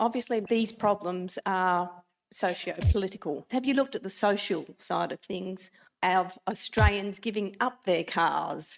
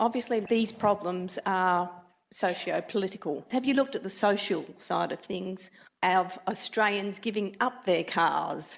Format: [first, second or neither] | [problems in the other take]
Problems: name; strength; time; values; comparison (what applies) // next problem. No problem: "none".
second | noise reduction (neural mask model RNNoise)